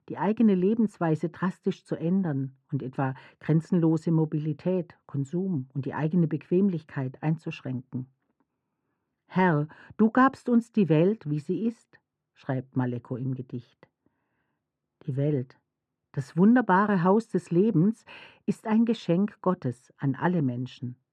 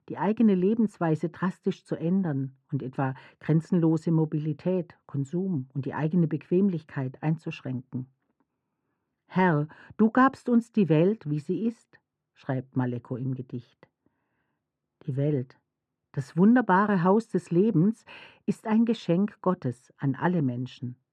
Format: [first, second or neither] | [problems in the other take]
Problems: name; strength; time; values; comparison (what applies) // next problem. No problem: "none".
neither | muffled; very; fading above 2 kHz; the same in both